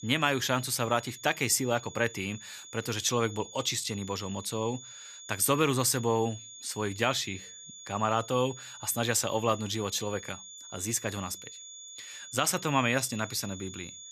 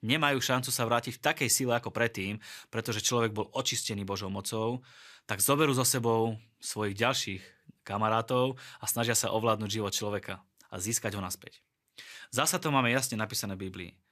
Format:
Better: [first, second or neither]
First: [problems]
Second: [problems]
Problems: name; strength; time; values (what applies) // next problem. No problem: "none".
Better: second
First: high-pitched whine; noticeable; throughout; 6.5 kHz, 15 dB below the speech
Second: none